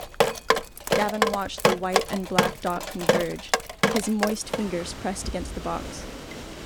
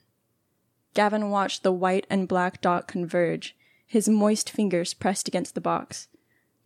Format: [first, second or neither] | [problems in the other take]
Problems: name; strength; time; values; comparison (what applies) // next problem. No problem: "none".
second | rain or running water; very loud; throughout; 4 dB above the speech